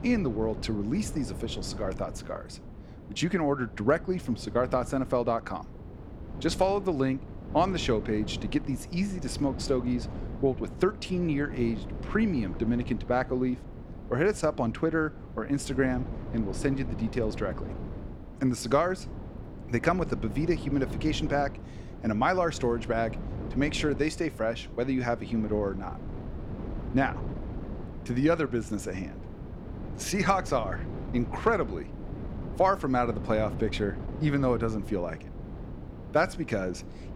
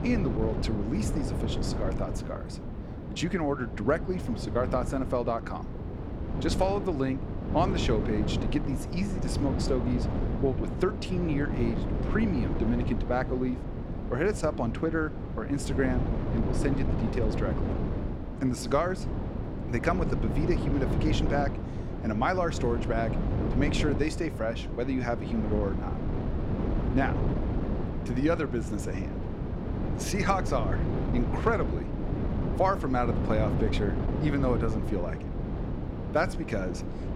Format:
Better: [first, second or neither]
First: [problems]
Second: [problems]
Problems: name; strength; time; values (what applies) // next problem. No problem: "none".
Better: first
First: wind noise on the microphone; occasional gusts; 15 dB below the speech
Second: wind noise on the microphone; heavy; 6 dB below the speech